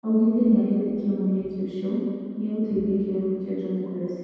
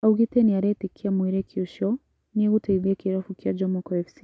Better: second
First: room echo; dies away in 2.1 s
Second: none

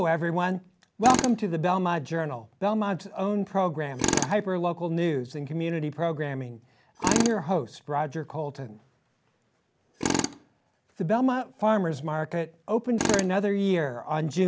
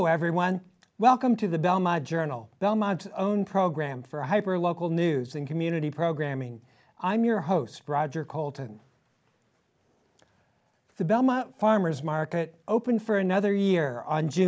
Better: second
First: background sound (Tools); 8 dB below the speech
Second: none

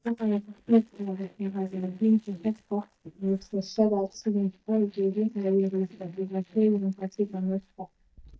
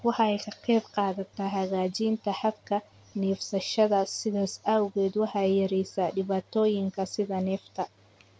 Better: second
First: noise reduction (neural mask model DeepFilterNet 3)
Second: none

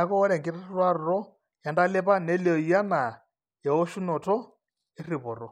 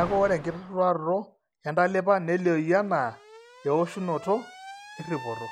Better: first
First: none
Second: background sound (Alarm); 17 dB below the speech

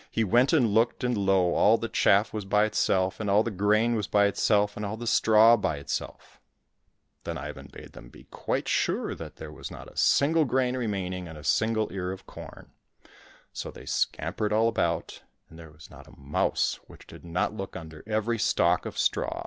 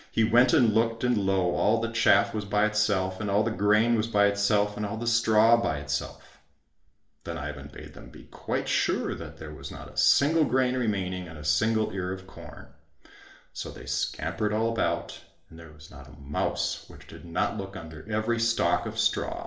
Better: first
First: none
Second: room echo; dies away in 0.5 s

